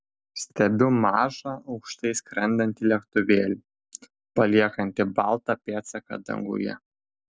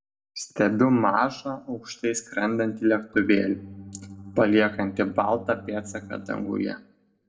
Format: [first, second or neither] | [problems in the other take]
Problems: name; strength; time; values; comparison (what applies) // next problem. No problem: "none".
first | background sound (Organ); 16 dB below the speech // room echo; dies away in 0.4 s